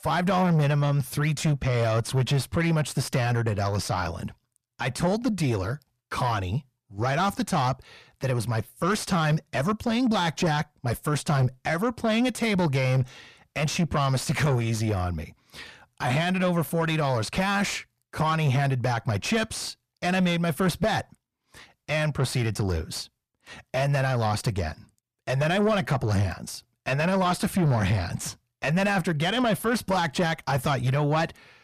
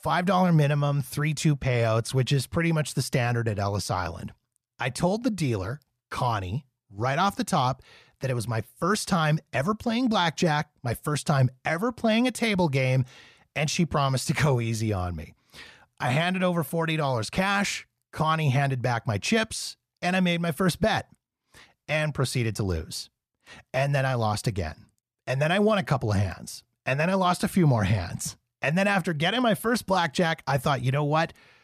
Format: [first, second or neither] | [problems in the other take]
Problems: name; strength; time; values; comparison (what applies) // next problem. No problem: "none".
second | distortion; slight; 10 dB below the speech